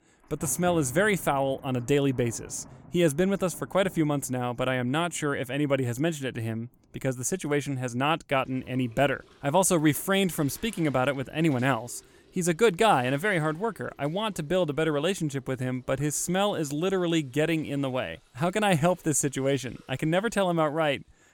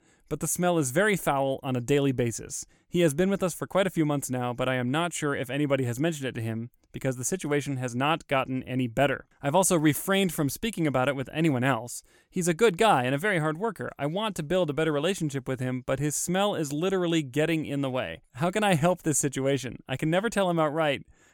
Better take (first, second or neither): second